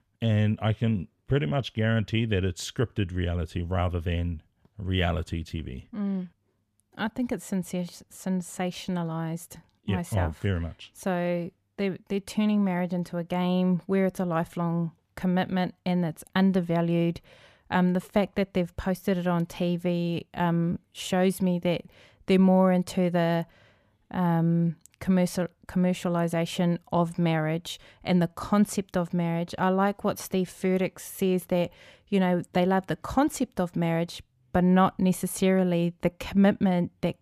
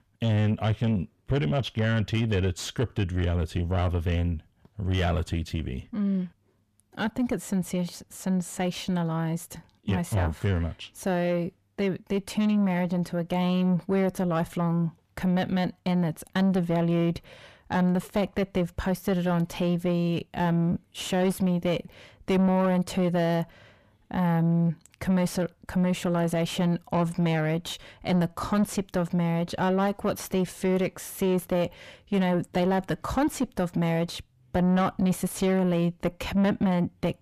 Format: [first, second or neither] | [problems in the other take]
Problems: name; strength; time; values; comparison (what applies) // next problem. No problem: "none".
first | distortion; slight; 9 dB below the speech